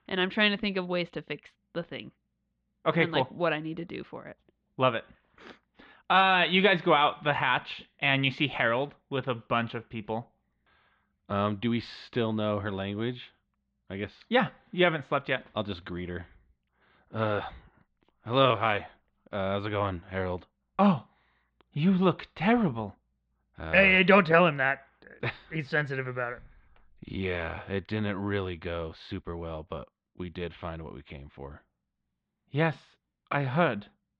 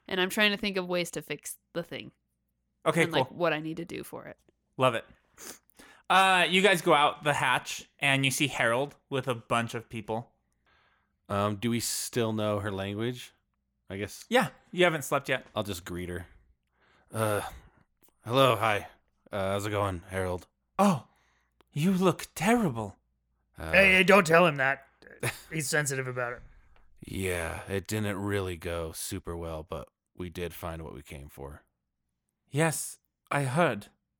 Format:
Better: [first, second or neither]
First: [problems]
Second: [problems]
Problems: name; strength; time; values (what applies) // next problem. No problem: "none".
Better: second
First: muffled; slightly; fading above 4 kHz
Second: none